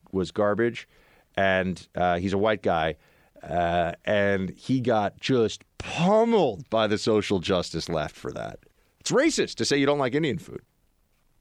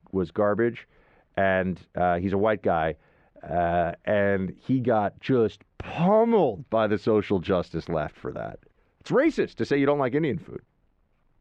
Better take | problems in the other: first | muffled; very; fading above 4 kHz

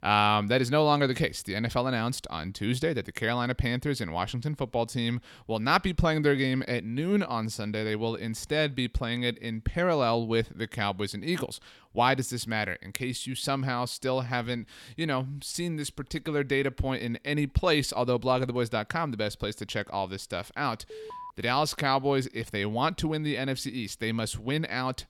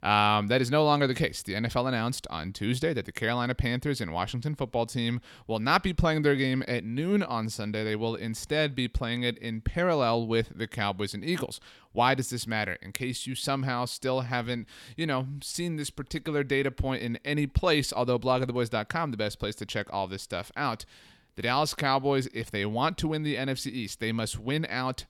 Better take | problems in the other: second | alarm; faint; at 21 s; peak 15 dB below the speech

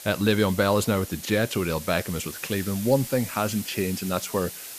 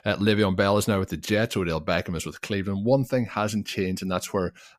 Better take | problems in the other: second | hiss; noticeable; throughout; 10 dB below the speech

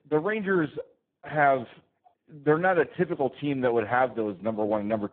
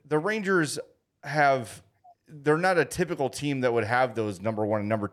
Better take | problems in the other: second | phone-call audio; poor line

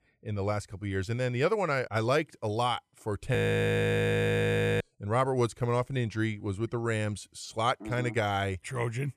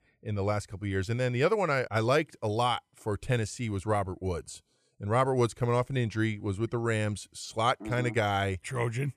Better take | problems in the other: second | audio freezing; at 3.5 s for 1.5 s

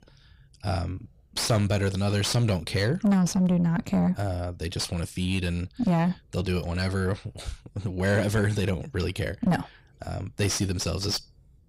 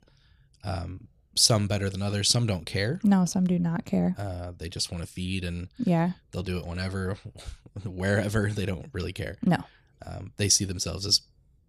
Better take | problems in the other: second | distortion; heavy; 6 dB below the speech

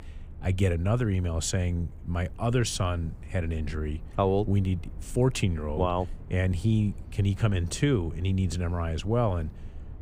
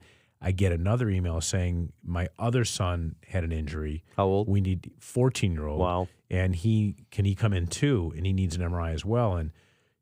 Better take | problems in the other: second | low rumble; faint; throughout; 25 dB below the speech

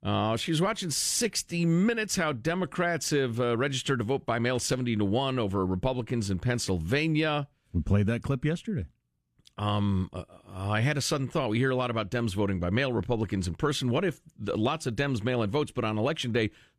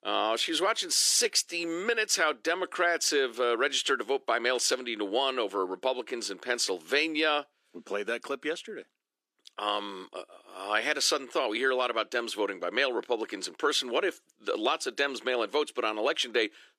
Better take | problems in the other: first | thin; very; fading below 350 Hz

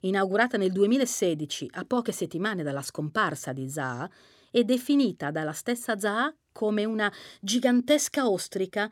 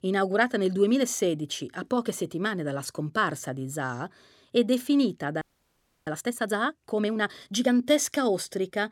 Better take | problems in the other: first | audio freezing; at 5.5 s for 0.5 s

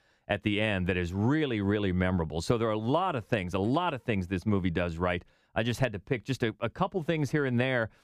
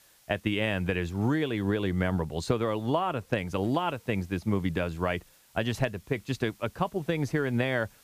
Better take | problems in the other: first | hiss; faint; throughout; 30 dB below the speech

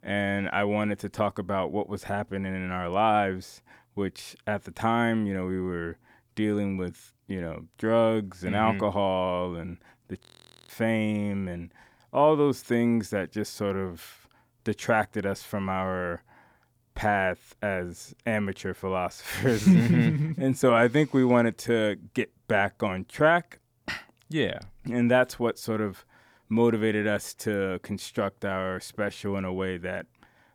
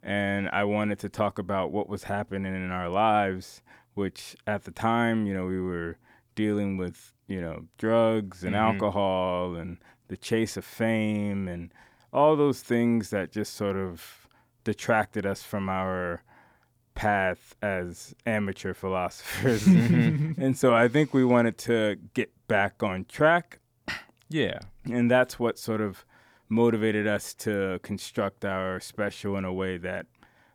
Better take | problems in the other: second | audio freezing; at 10 s

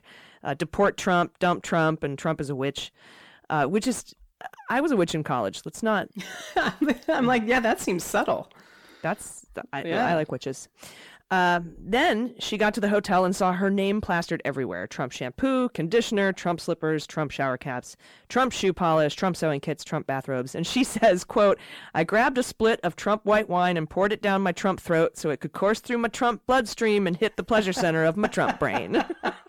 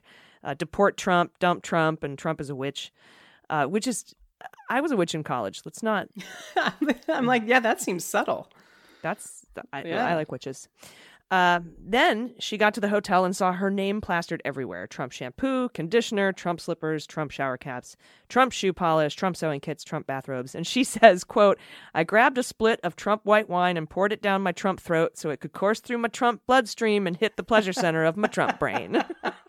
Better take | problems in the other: second | distortion; slight; 10 dB below the speech

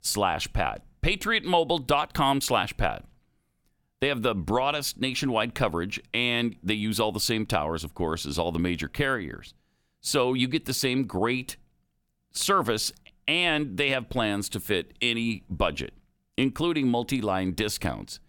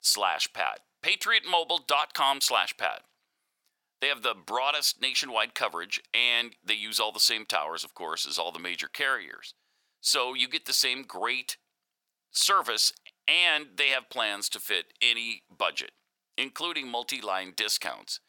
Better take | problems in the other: first | thin; very; fading below 800 Hz

